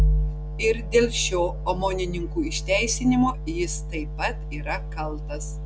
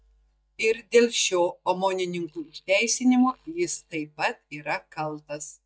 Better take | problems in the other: first | noise reduction (neural mask model DeepFilterNet 3)

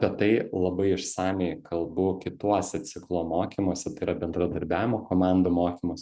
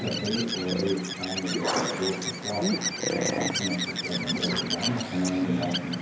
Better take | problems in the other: first | background sound (Bird); as loud as the speech // room echo; dies away in 0.9 s

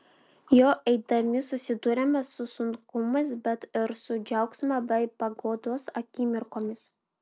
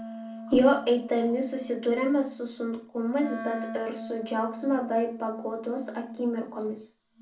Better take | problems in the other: first | background sound (Wind instrument, woodwind instrument); 12 dB below the speech // room echo; dies away in 0.3 s

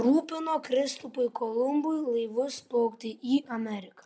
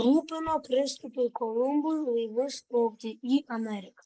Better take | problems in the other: first | noise reduction (neural mask model Resemble Enhance denoiser)

